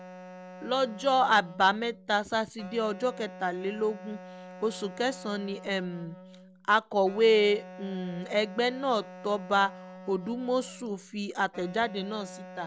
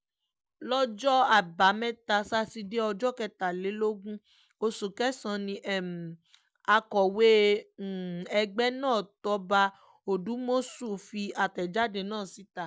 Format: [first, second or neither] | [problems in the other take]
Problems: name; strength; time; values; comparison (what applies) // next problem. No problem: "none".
second | background sound (Wind instrument, woodwind instrument); 17 dB below the speech